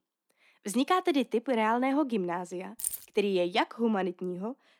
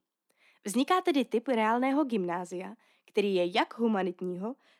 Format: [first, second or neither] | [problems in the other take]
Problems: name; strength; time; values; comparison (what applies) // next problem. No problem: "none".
second | jangling keys; noticeable; at 3 s; peak 4 dB below the speech